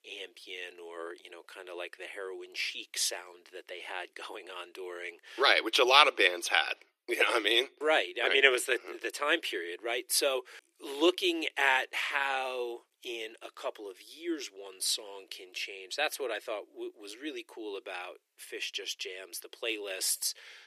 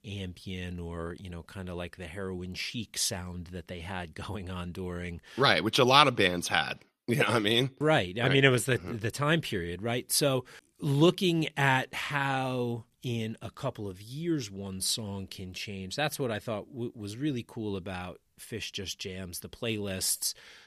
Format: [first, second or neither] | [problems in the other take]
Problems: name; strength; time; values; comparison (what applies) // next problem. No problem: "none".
second | thin; very; fading below 350 Hz